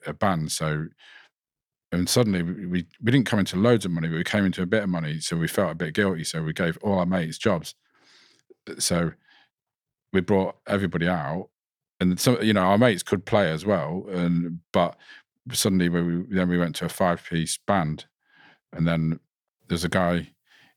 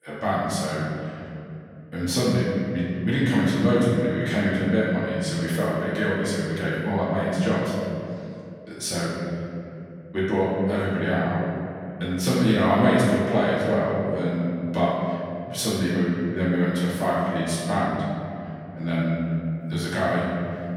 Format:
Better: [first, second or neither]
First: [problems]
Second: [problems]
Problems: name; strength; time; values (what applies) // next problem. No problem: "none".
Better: first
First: none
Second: room echo; strong; dies away in 2.7 s // off-mic speech; far